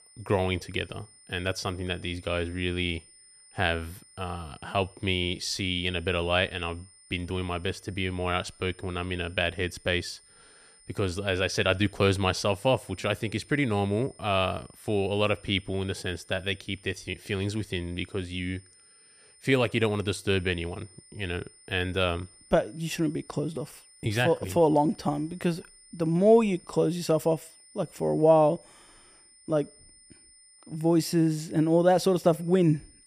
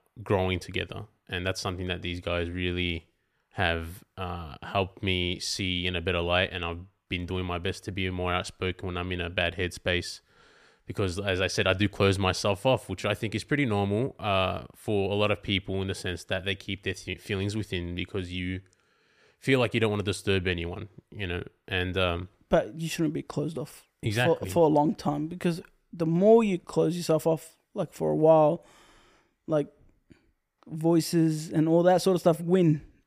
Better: second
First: high-pitched whine; faint; throughout; 9 kHz, 25 dB below the speech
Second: none

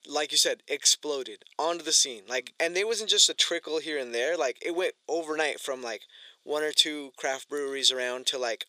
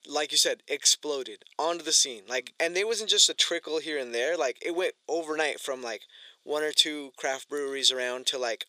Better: neither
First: thin; very; fading below 400 Hz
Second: thin; very; fading below 400 Hz

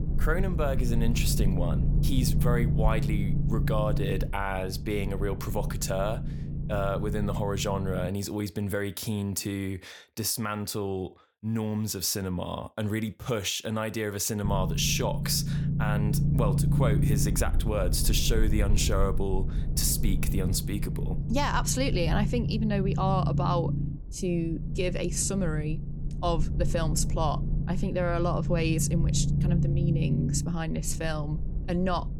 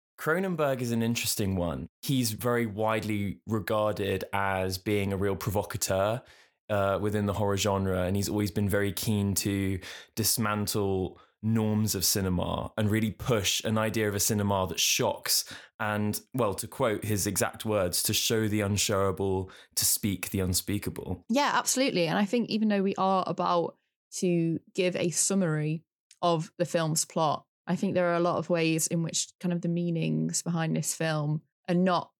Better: second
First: low rumble; loud; until 8 s and from 14 s on; 9 dB below the speech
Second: none

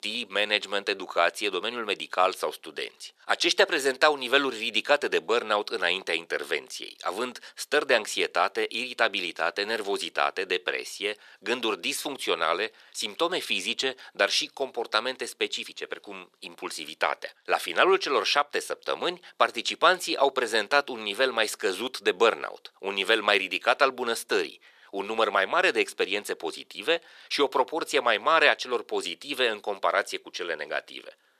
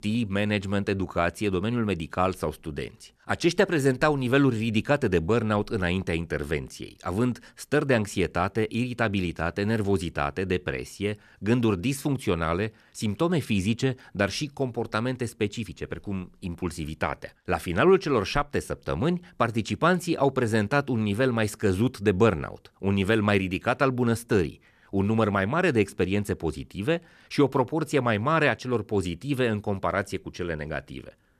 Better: second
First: thin; very; fading below 450 Hz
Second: none

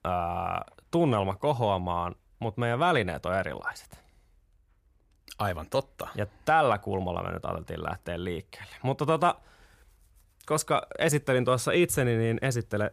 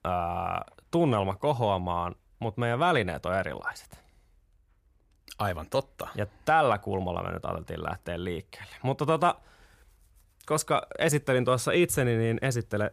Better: neither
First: none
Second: none

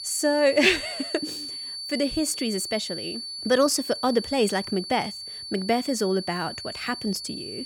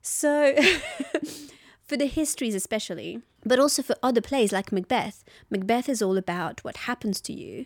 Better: second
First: high-pitched whine; loud; throughout; 4.5 kHz, 8 dB below the speech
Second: none

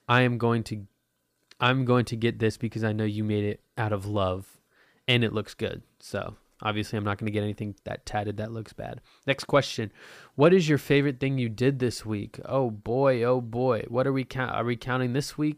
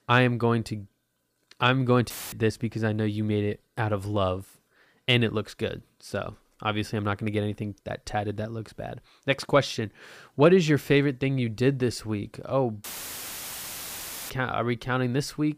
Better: first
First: none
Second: audio cutting out; filled with static; at 2 s and at 13 s for 1.5 s

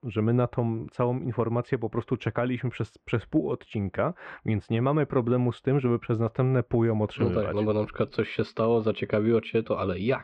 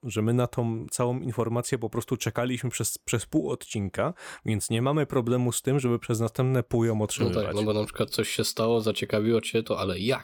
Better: second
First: muffled; very; fading above 2.5 kHz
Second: none

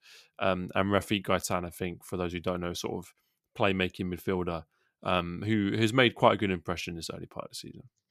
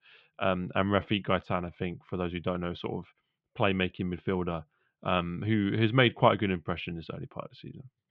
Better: first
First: none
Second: muffled; very; fading above 3 kHz

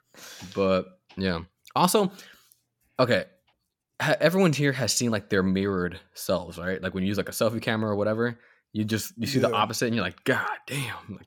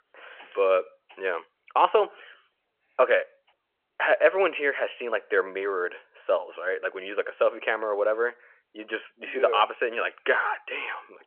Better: first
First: none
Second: phone-call audio

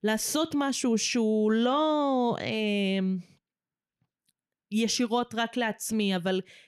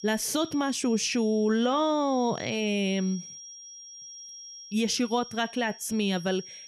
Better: first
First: none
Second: high-pitched whine; noticeable; throughout; 5.5 kHz, 15 dB below the speech

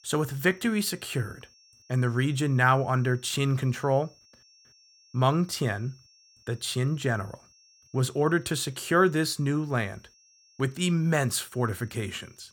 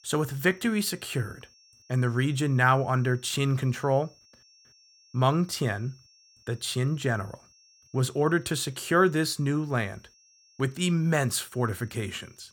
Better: neither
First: high-pitched whine; faint; throughout; 5.5 kHz, 30 dB below the speech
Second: high-pitched whine; faint; throughout; 5.5 kHz, 30 dB below the speech

